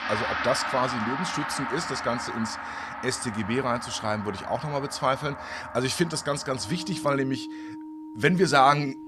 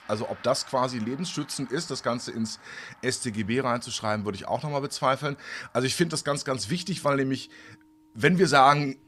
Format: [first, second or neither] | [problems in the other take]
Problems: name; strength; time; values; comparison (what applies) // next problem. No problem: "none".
second | background music; loud; throughout; 7 dB below the speech; faint in the second